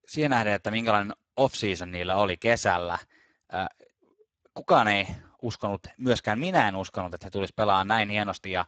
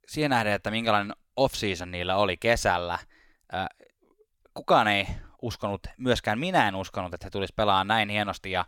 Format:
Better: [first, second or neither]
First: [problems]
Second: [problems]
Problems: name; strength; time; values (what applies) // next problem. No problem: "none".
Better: second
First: garbled, watery; badly; nothing above 7.5 kHz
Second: none